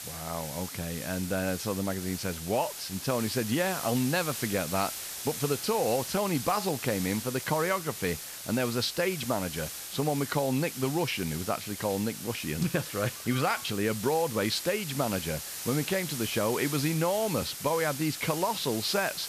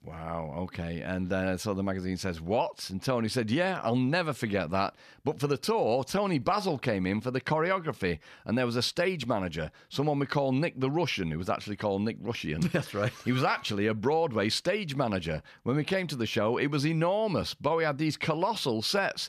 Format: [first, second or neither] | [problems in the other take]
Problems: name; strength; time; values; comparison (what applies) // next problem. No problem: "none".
second | hiss; loud; throughout; 6 dB below the speech